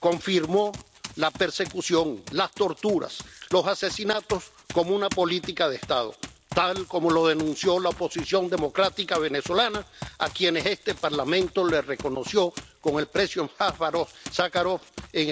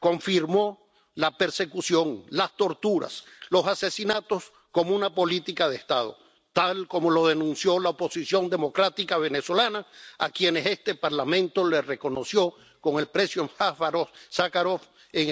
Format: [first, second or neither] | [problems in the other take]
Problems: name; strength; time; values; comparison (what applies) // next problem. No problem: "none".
second | background sound (Run); 17 dB below the speech